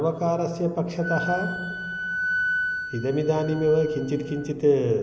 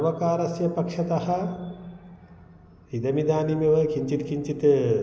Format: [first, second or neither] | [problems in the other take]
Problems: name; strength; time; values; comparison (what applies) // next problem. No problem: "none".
second | background sound (Wind instrument, woodwind instrument); 7 dB below the speech